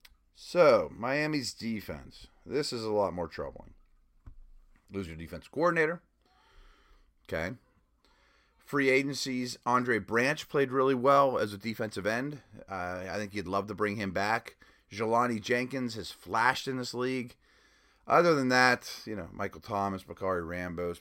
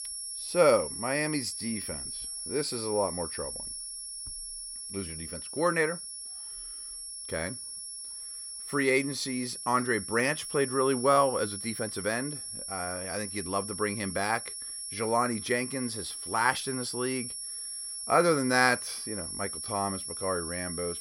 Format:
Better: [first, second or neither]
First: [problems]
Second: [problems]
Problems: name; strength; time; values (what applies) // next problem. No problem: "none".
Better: first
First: none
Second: high-pitched whine; loud; throughout; 11 kHz, 6 dB below the speech